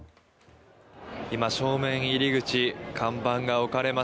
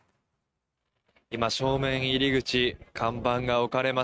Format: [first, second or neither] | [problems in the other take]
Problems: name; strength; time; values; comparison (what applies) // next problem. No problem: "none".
first | noise reduction (neural mask model RNNoise)